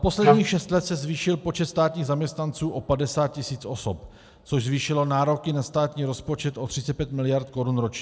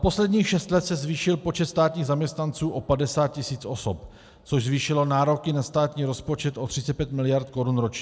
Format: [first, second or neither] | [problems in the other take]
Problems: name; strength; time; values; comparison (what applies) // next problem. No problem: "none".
second | background sound (Wind instrument, woodwind instrument); 4 dB above the speech